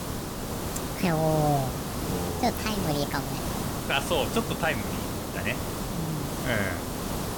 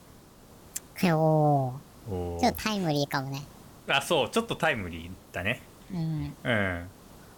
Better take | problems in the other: second | hiss; loud; throughout; 2 dB below the speech; faint in the second

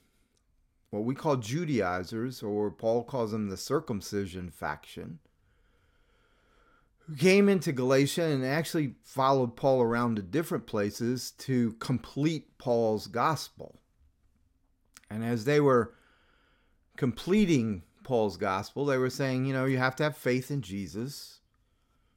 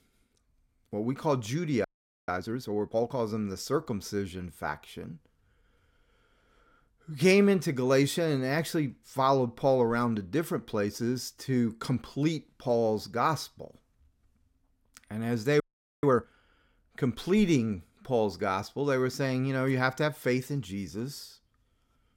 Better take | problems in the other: first | audio freezing; at 2 s and at 16 s

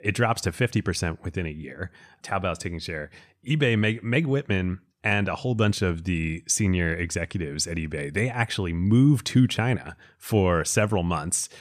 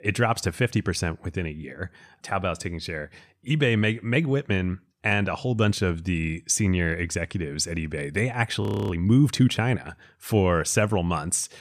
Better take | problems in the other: first | audio freezing; at 8.5 s

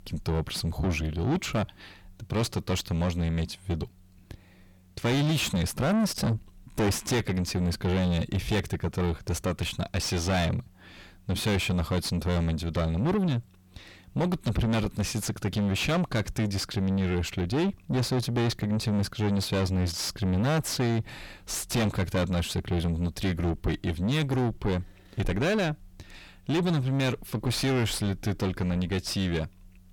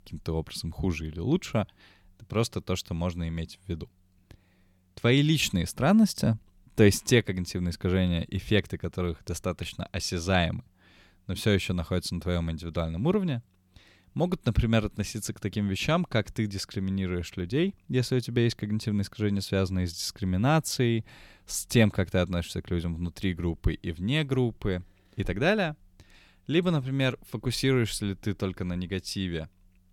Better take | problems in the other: second | distortion; heavy; 5 dB below the speech

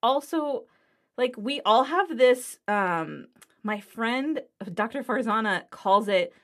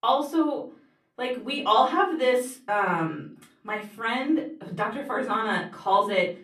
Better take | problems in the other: first | off-mic speech; far // room echo; slight; dies away in 0.3 s

